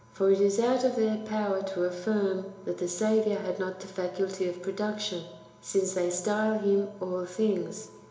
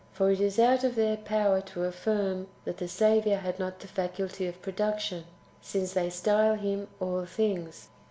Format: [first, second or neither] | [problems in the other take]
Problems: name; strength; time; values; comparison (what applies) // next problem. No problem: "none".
second | room echo; dies away in 0.8 s